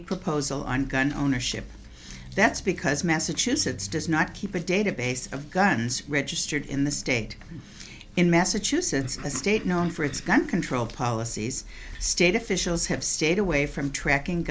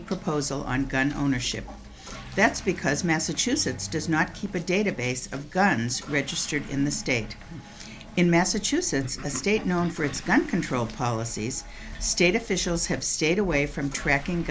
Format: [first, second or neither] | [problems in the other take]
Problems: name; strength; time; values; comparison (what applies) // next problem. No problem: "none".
first | background sound (Toilet flush / Water); 20 dB below the speech